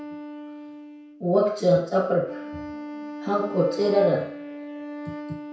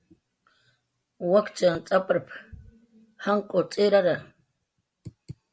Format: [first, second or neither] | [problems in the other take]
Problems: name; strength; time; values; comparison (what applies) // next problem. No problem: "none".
second | background sound (Wind instrument, woodwind instrument); 11 dB below the speech // room echo; dies away in 0.6 s